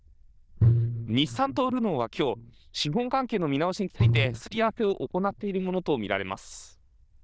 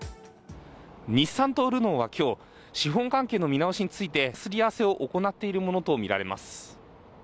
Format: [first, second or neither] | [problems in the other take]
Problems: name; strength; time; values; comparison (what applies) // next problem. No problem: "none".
second | noise reduction (neural diffusion model UNIVERSE++)